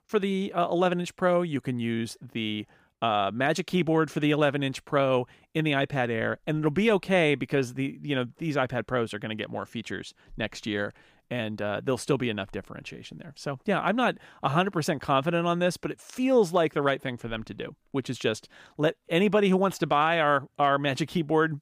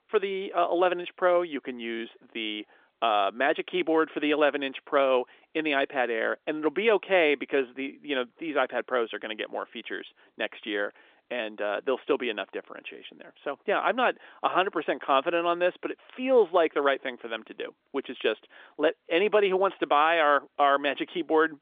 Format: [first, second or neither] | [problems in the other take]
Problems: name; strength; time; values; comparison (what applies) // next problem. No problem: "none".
first | phone-call audio; nothing above 3.5 kHz